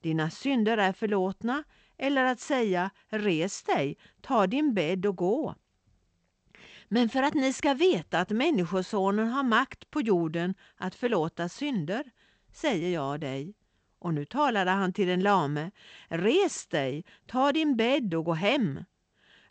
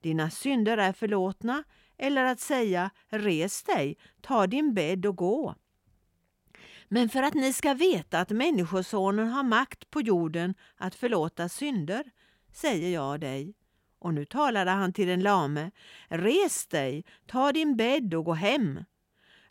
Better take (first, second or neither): second